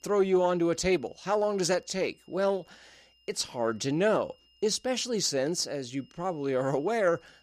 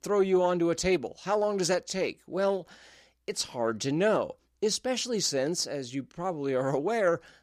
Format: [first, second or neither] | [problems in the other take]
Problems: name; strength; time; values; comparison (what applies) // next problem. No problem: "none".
second | high-pitched whine; faint; throughout; 3 kHz, 35 dB below the speech